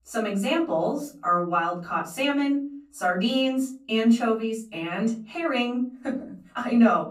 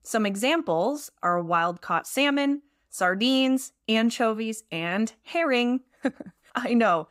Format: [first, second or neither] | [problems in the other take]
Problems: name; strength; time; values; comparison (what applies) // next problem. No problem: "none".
second | off-mic speech; far // room echo; slight; dies away in 0.5 s